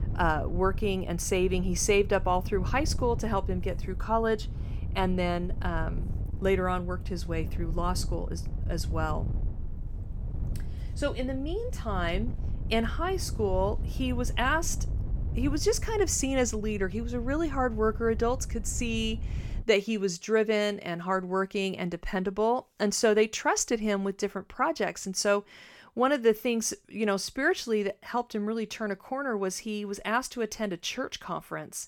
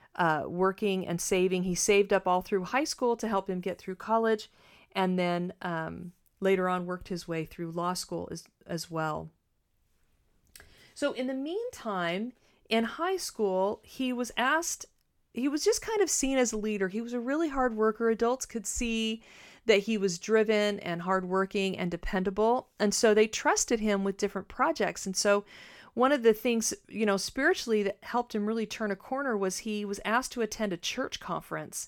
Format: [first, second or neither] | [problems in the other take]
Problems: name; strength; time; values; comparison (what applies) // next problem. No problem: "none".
second | wind noise on the microphone; occasional gusts; until 20 s; 20 dB below the speech